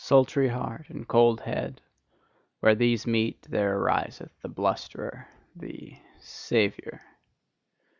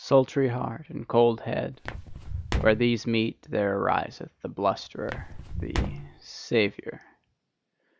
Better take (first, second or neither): first